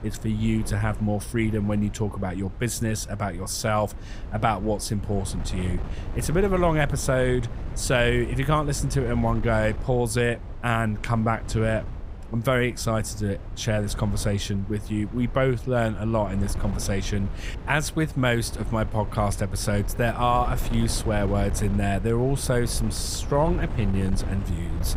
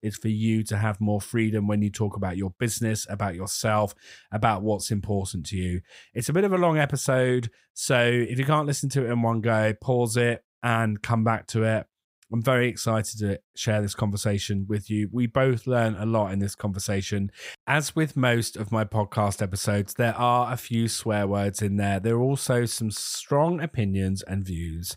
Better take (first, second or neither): second